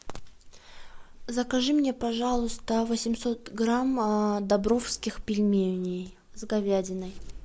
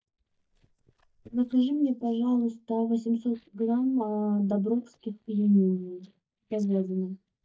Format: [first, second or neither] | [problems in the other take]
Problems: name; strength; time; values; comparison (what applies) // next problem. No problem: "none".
first | noise reduction (neural mask model DeepFilterNet 3)